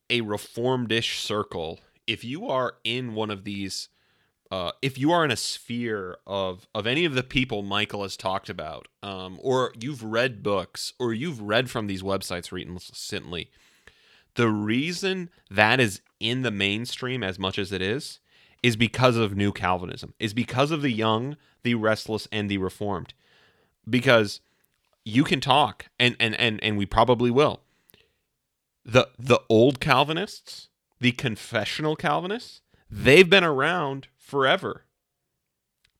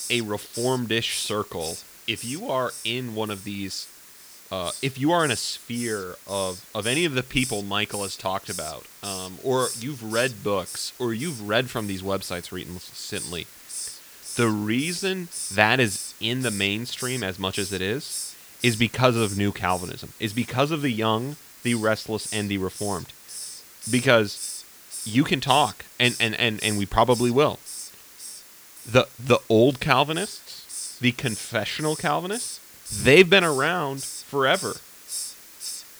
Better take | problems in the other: first | hiss; noticeable; throughout; 10 dB below the speech

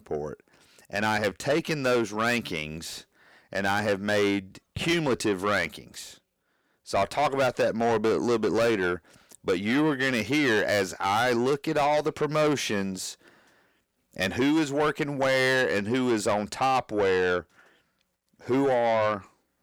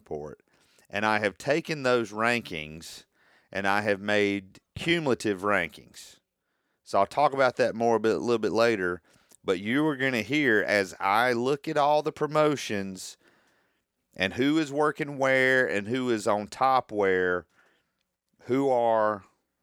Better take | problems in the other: second | distortion; heavy; 8 dB below the speech

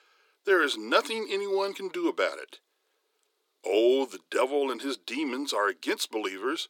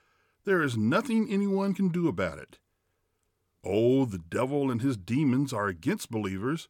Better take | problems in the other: second | thin; very; fading below 350 Hz

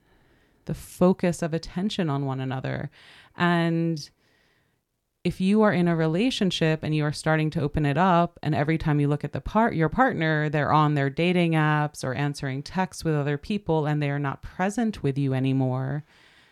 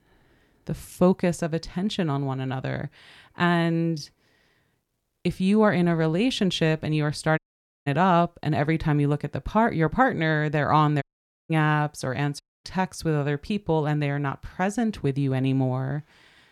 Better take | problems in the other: first | audio cutting out; at 7.5 s, at 11 s and at 12 s

